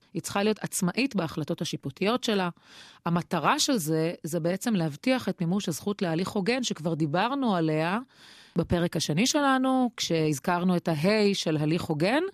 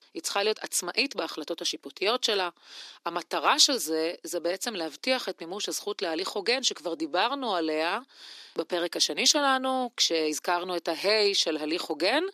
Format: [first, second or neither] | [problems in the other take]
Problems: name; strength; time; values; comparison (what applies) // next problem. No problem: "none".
first | thin; somewhat; fading below 300 Hz